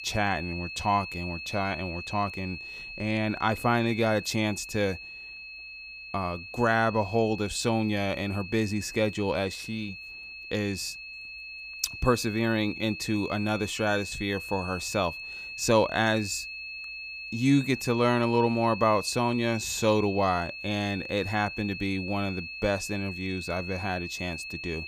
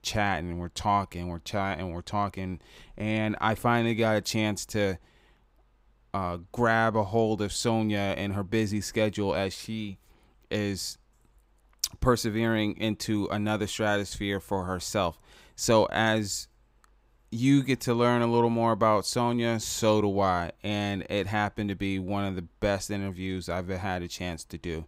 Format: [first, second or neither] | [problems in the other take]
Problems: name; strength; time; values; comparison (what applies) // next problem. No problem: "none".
second | high-pitched whine; loud; throughout; 2.5 kHz, 9 dB below the speech